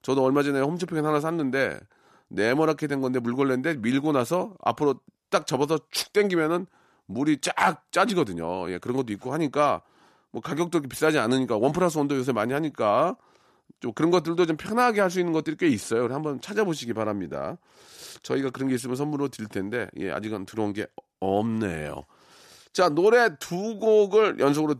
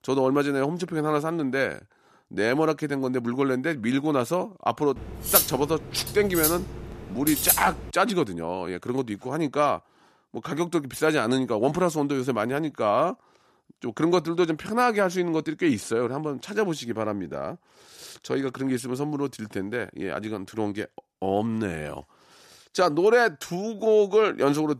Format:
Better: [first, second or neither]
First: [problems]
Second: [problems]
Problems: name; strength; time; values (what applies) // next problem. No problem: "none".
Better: first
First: none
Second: clattering dishes; loud; from 5.5 to 7.5 s; peak 5 dB above the speech